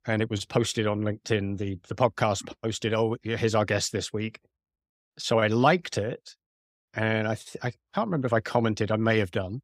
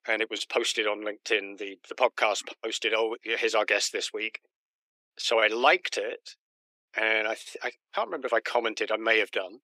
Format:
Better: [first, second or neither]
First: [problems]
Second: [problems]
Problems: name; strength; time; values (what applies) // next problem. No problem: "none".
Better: first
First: none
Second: thin; very; fading below 350 Hz